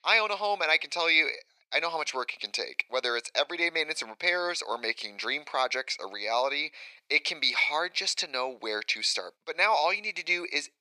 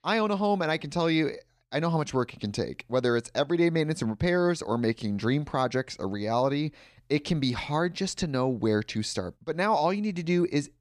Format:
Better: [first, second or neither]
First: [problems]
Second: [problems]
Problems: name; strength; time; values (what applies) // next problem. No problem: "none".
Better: second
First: thin; very; fading below 550 Hz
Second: none